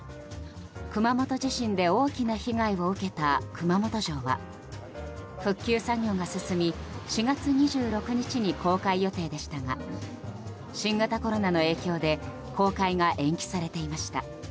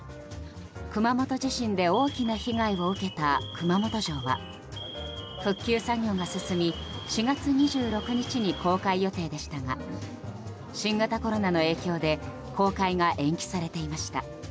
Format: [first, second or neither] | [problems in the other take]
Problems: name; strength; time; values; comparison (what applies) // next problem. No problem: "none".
first | background sound (Alarm); 18 dB below the speech